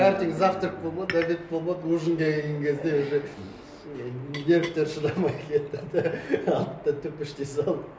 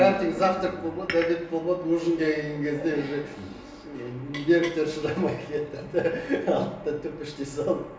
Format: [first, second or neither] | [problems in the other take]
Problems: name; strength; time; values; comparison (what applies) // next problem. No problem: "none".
first | room echo; dies away in 0.7 s